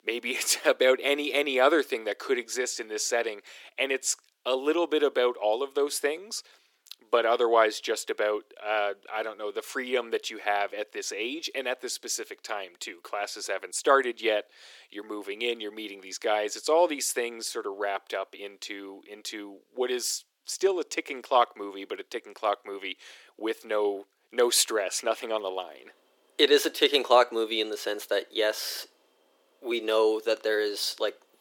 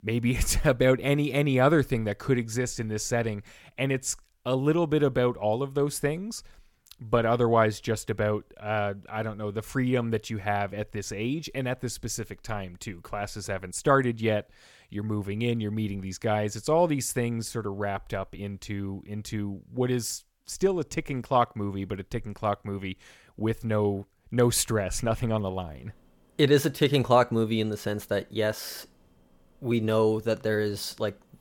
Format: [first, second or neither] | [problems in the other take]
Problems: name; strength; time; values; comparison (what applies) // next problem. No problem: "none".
second | thin; very; fading below 350 Hz